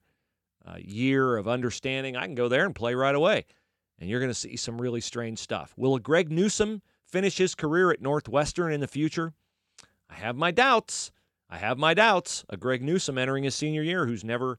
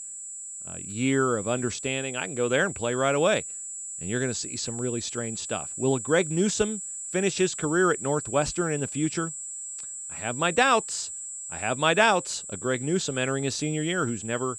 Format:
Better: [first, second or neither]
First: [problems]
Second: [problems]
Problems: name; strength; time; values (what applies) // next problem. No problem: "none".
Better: first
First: none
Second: high-pitched whine; loud; throughout; 8 kHz, 8 dB below the speech